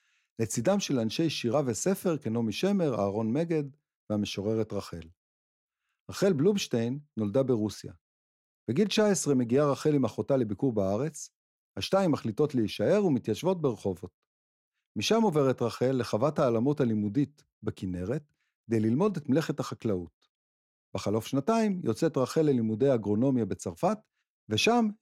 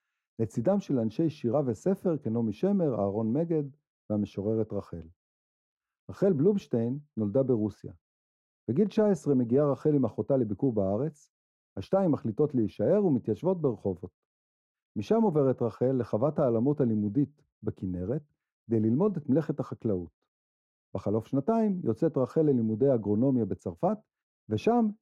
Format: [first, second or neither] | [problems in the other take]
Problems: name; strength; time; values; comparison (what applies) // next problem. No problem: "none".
first | muffled; very; fading above 1.5 kHz